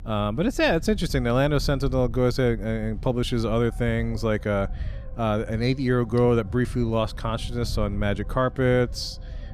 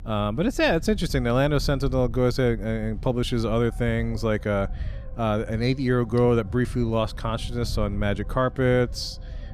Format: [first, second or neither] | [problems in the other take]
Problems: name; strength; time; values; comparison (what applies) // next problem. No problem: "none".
neither | low rumble; faint; throughout; 25 dB below the speech; the same in both